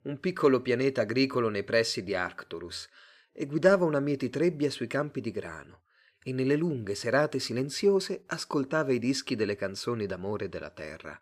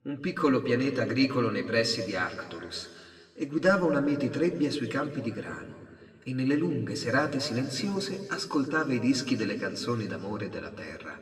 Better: first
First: none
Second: room echo; slight; dies away in 1.8 s // off-mic speech; somewhat distant

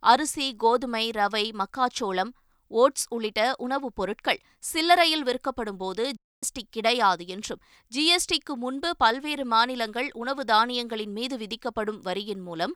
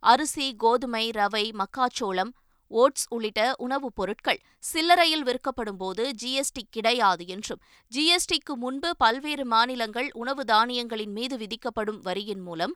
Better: second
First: audio cutting out; at 6 s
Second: none

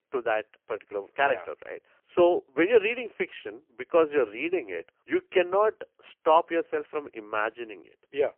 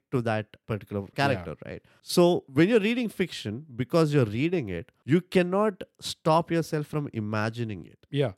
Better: second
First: phone-call audio; poor line; nothing above 3 kHz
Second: none

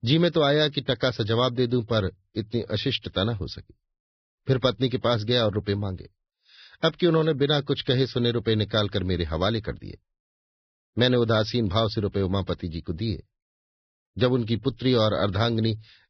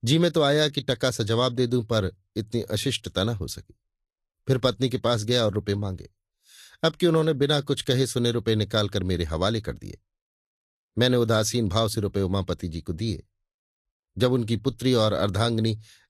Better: second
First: garbled, watery; badly; nothing above 5.5 kHz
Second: garbled, watery; slightly; nothing above 12.5 kHz

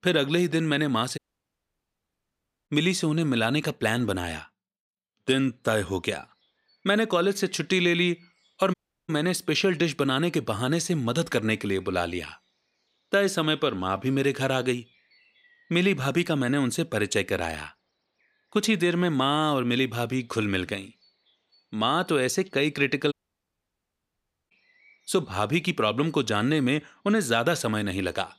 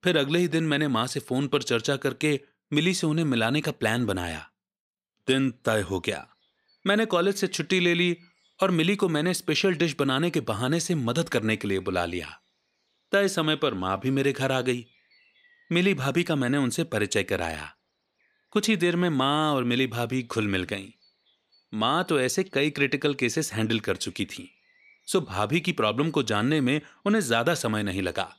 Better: second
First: audio cutting out; at 1 s for 1.5 s, at 8.5 s and at 23 s for 1.5 s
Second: none

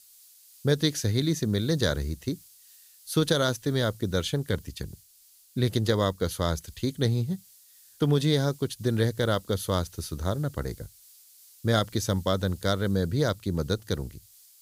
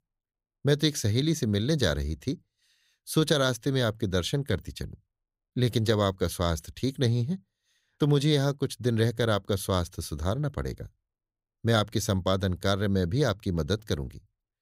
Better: second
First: hiss; faint; throughout; 25 dB below the speech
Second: none

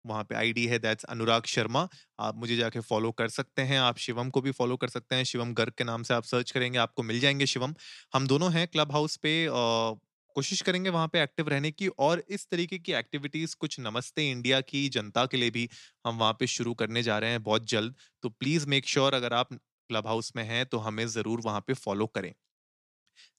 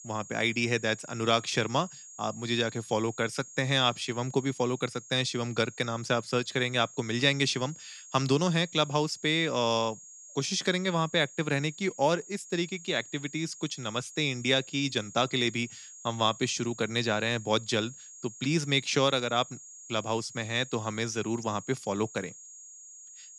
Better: first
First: none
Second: high-pitched whine; noticeable; throughout; 6.5 kHz, 15 dB below the speech

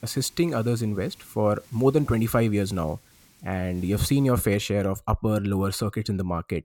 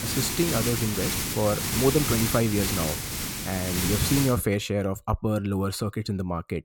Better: first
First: hiss; faint; until 4.5 s; 25 dB below the speech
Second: hiss; loud; until 4.5 s; 1 dB below the speech

